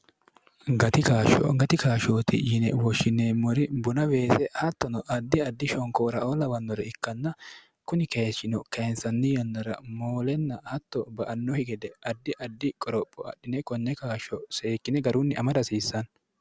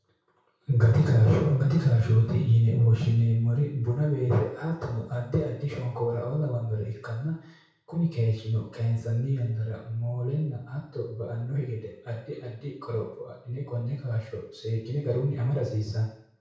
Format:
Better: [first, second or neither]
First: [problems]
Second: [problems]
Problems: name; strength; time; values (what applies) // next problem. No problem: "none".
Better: first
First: none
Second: room echo; dies away in 0.6 s